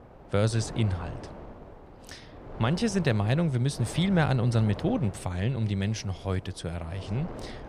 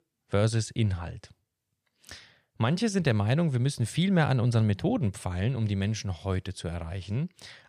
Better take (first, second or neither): second